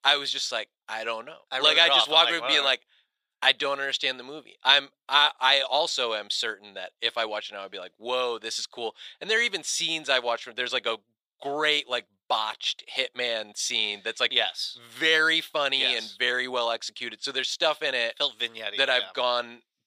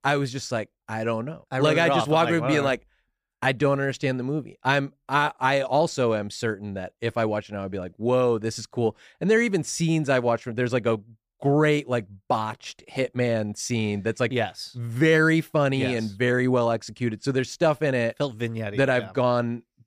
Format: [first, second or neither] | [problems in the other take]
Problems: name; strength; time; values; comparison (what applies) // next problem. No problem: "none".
second | thin; very; fading below 700 Hz